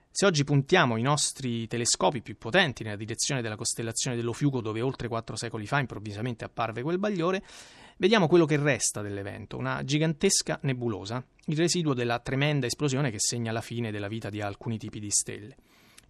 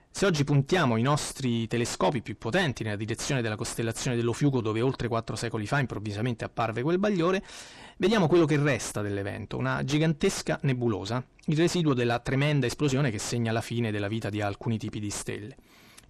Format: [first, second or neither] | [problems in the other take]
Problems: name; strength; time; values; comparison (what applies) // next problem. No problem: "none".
first | distortion; heavy; 6 dB below the speech